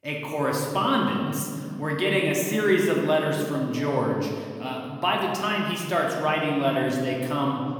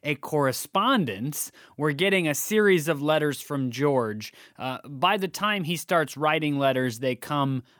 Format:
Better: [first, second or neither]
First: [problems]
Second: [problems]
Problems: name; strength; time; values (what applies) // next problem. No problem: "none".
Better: second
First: room echo; noticeable; dies away in 1.8 s // off-mic speech; somewhat distant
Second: none